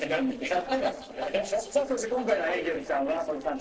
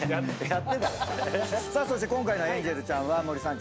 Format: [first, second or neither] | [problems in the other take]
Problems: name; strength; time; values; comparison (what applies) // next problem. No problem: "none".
second | noise reduction (neural separator model SepFormer DNS4)